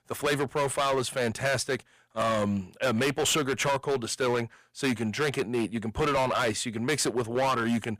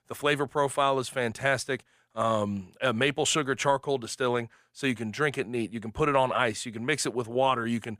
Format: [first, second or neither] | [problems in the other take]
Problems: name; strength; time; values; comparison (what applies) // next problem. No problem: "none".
second | distortion; heavy; 14% of the sound clipped